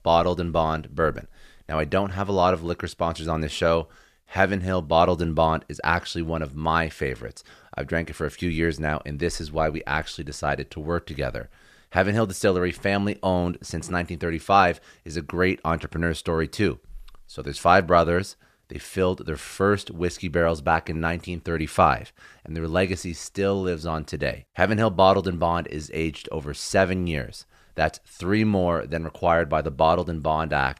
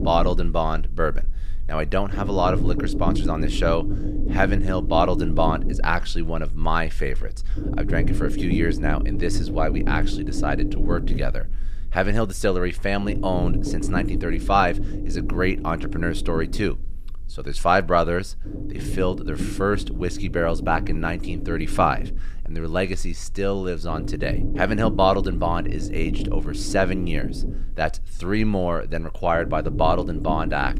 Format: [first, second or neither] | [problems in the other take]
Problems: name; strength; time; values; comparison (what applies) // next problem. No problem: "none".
first | low rumble; noticeable; throughout; 10 dB below the speech